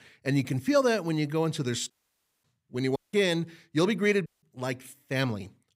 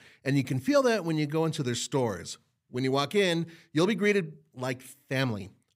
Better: second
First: audio cutting out; at 2 s for 0.5 s, at 3 s and at 4.5 s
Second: none

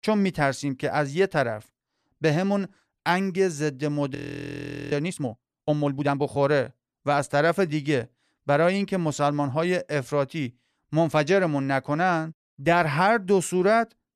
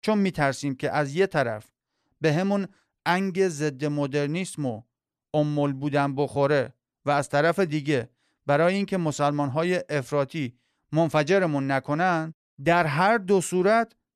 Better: second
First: audio freezing; at 4 s for 1 s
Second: none

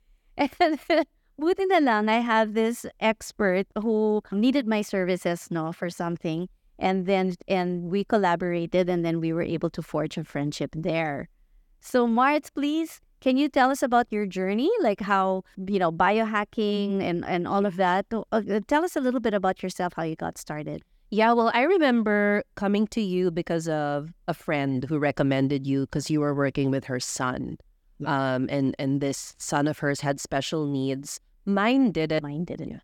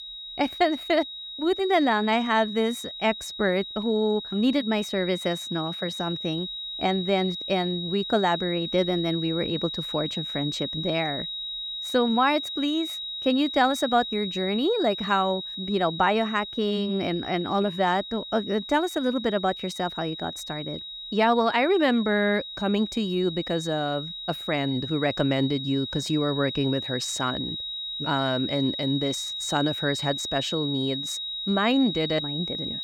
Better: first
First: none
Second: high-pitched whine; loud; throughout; 4 kHz, 6 dB below the speech

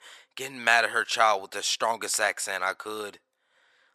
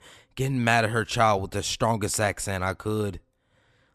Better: second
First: thin; very; fading below 600 Hz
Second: none

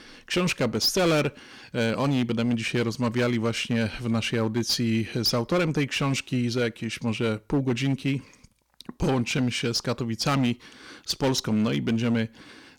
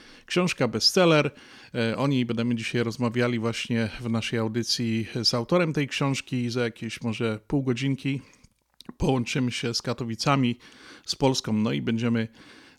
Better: second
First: distortion; slight; 10% of the sound clipped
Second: none

